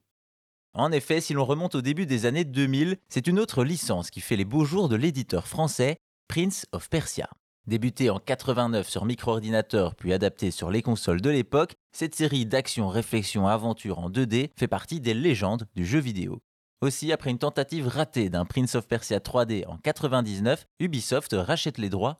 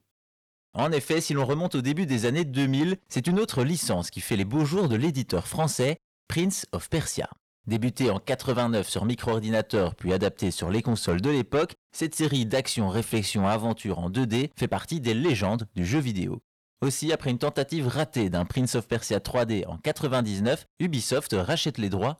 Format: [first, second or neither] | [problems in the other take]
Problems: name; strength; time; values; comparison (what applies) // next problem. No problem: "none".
first | distortion; slight; 10 dB below the speech